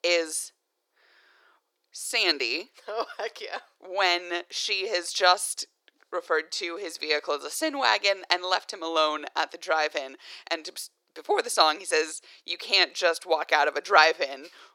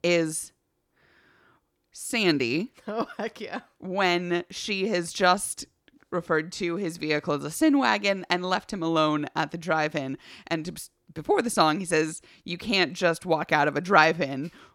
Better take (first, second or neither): second